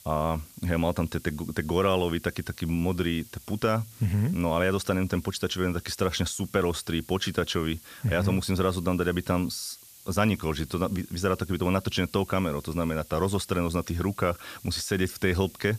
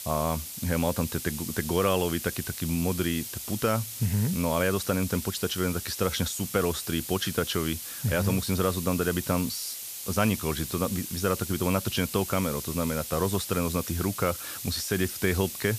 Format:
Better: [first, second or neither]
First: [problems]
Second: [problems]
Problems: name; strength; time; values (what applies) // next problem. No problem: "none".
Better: first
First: hiss; faint; throughout; 20 dB below the speech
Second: hiss; loud; throughout; 6 dB below the speech